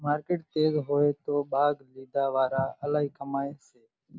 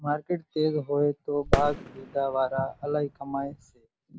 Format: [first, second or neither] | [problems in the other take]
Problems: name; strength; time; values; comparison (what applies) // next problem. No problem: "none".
first | background sound (Fireworks); 4 dB below the speech